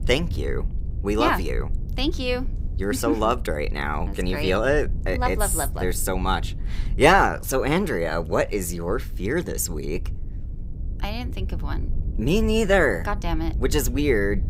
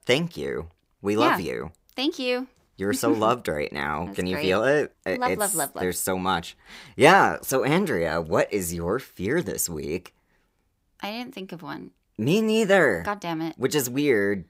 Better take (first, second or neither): second